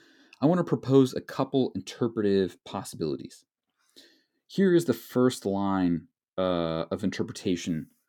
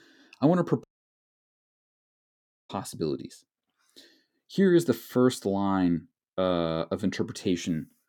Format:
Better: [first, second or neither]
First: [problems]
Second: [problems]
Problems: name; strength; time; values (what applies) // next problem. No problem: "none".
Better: first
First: none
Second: audio cutting out; at 1 s for 2 s